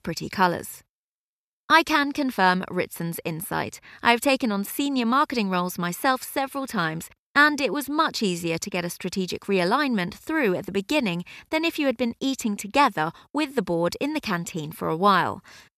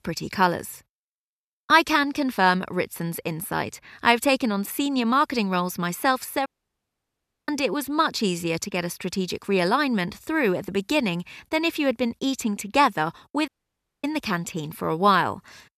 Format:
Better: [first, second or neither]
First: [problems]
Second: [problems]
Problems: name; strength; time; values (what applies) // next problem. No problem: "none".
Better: first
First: none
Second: audio cutting out; at 6.5 s for 1 s and at 13 s for 0.5 s